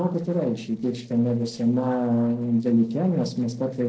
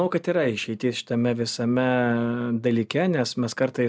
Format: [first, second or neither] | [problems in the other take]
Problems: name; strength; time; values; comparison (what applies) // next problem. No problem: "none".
second | noise reduction (neural separator model SepFormer DNS4)